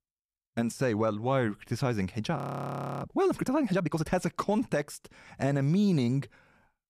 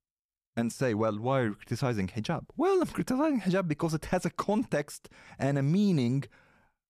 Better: second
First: audio freezing; at 2.5 s for 0.5 s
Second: none

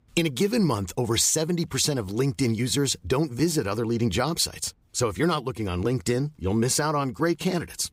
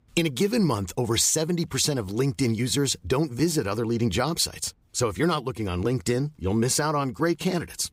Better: neither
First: none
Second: none

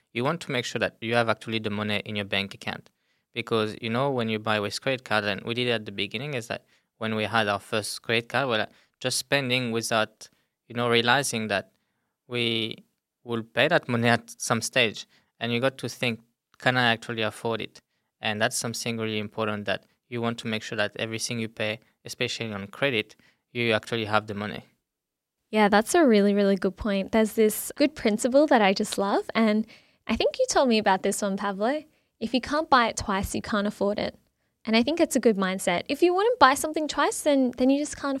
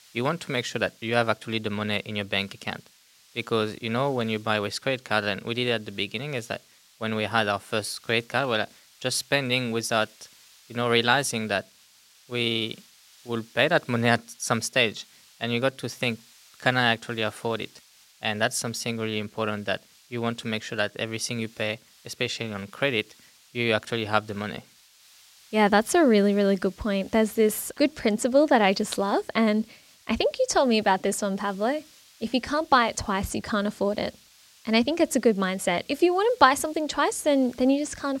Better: first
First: none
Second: hiss; faint; throughout; 30 dB below the speech

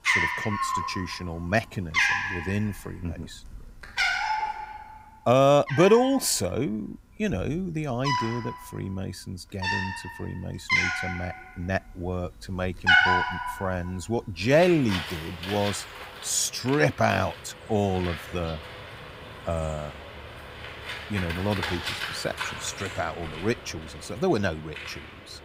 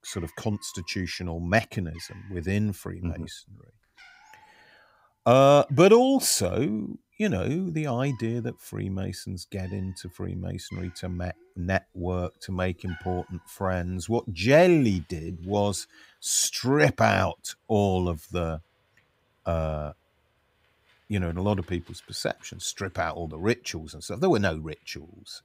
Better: second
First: animal sounds; loud; throughout; 1 dB below the speech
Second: animal sounds; faint; throughout; 30 dB below the speech

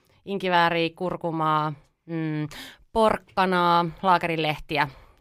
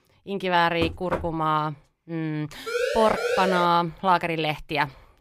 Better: first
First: none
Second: door banging; noticeable; at 1 s; peak 7 dB below the speech // siren; noticeable; from 2.5 to 3.5 s; peak 1 dB below the speech

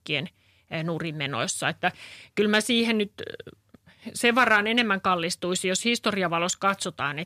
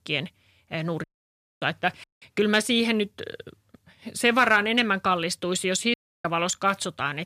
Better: first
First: none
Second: audio cutting out; at 1 s for 0.5 s, at 2 s and at 6 s

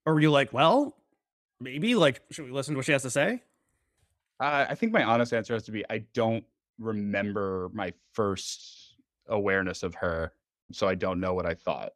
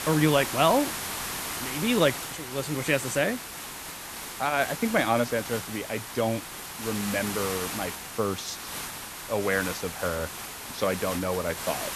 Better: first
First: none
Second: hiss; loud; throughout; 6 dB below the speech

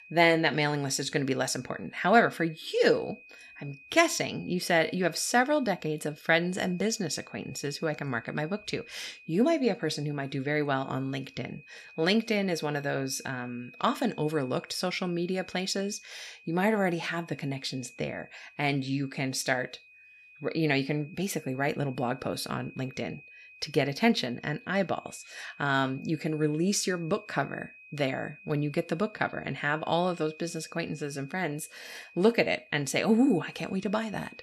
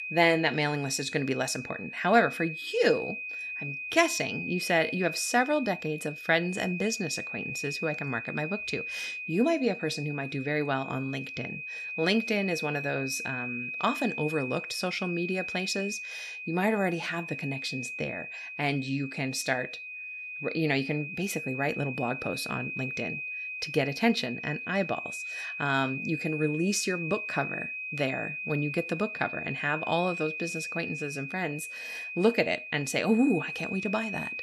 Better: first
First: high-pitched whine; faint; throughout; 2.5 kHz, 20 dB below the speech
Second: high-pitched whine; loud; throughout; 2.5 kHz, 6 dB below the speech

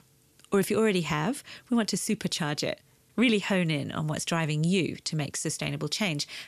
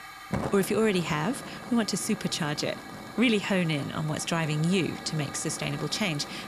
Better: first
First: none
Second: hiss; noticeable; throughout; 10 dB below the speech

